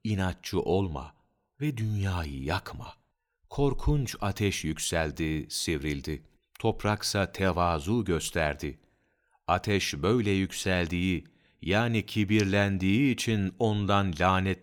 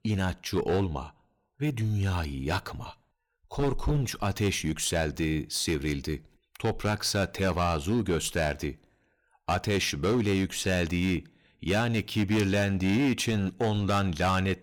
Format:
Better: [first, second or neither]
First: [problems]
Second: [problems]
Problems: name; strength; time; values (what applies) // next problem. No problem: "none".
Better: first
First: none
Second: distortion; slight; 10% of the sound clipped